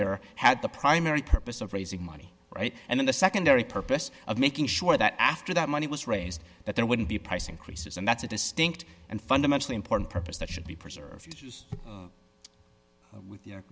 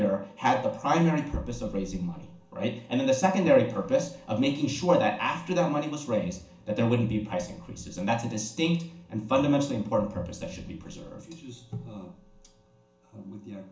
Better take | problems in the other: first | room echo; dies away in 0.7 s

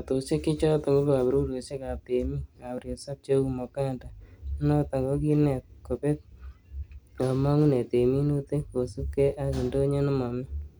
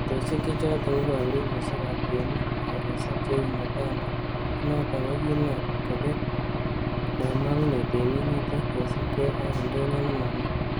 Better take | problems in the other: first | background sound (Engine / Aircraft); 2 dB above the speech

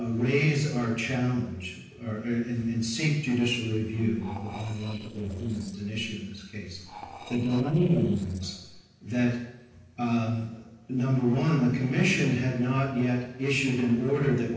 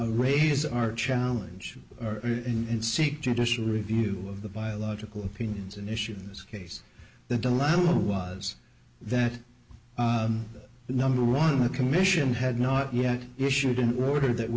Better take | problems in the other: second | noise reduction (neural separator model SepFormer DNS4)

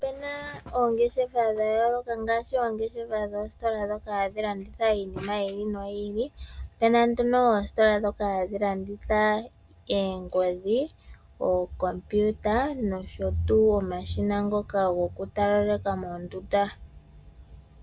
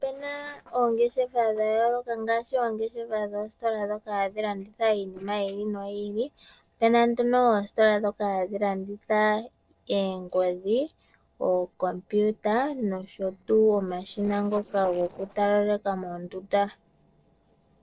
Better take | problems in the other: first | noise reduction (neural separator model SepFormer DNS4)

